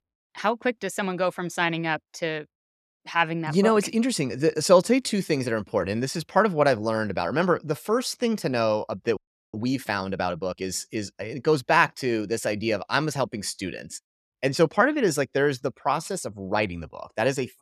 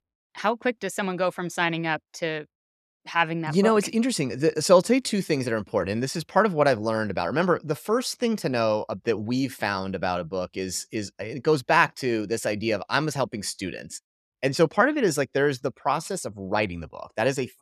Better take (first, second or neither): second